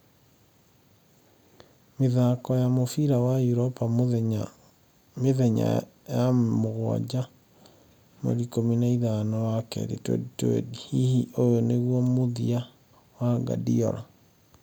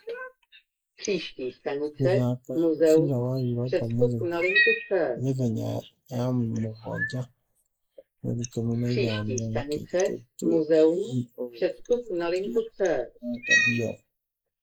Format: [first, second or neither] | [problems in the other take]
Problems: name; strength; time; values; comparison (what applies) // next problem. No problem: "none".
first | noise reduction (neural mask model Resemble Enhance denoiser)